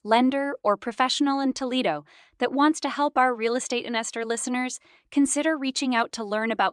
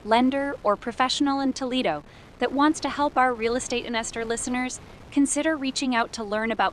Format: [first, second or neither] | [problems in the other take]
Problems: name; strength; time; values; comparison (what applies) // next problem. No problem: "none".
first | wind noise on the microphone; occasional gusts; 25 dB below the speech